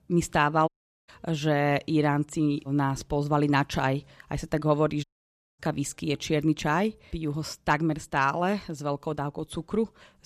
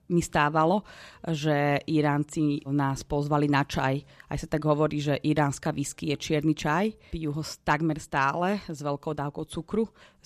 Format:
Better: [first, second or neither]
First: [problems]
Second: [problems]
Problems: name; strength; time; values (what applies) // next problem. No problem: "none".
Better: second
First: audio cutting out; at 0.5 s and at 5 s for 0.5 s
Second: none